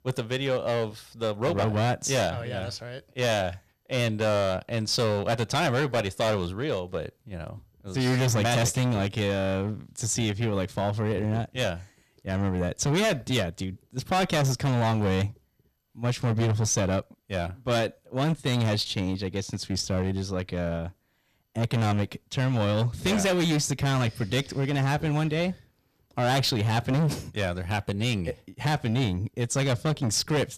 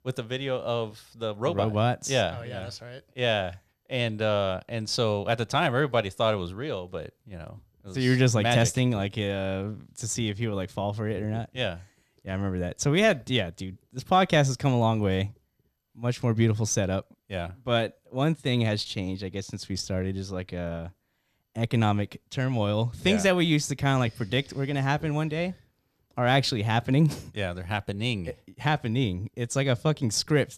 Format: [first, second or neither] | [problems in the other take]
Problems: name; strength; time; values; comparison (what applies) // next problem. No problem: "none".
second | distortion; heavy; 14% of the sound clipped